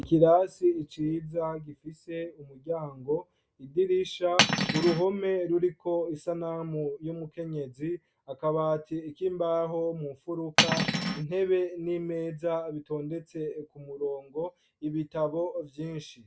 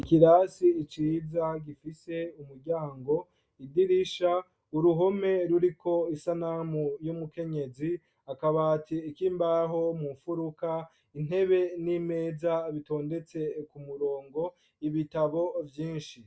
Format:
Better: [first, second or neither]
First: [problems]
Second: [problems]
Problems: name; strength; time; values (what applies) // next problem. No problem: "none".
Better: second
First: background sound (Cutlery, silverware); 4 dB above the speech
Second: none